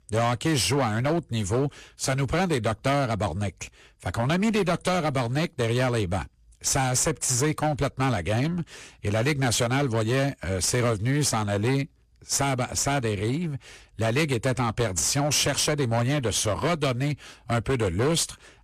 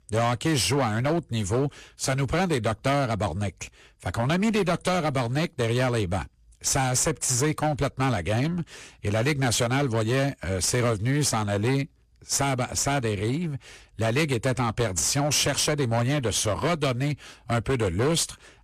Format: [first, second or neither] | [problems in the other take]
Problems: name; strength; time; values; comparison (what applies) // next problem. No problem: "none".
neither | distortion; slight; 11% of the sound clipped; the same in both